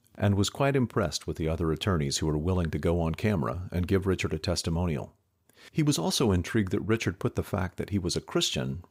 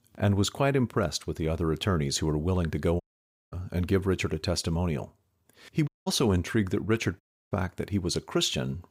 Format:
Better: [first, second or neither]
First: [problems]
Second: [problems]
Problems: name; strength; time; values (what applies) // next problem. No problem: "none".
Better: first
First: none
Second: audio cutting out; at 3 s for 0.5 s, at 6 s and at 7 s